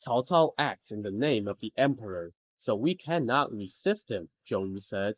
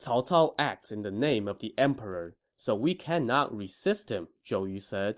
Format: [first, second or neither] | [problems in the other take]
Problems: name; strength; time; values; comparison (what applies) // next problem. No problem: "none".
second | noise reduction (neural mask model Resemble Enhance denoiser)